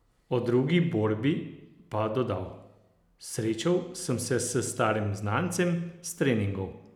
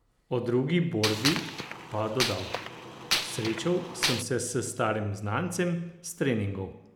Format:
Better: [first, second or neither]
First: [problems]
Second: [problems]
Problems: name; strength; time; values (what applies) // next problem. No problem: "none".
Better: first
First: none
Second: background sound (Gunshot, gunfire); 2 dB below the speech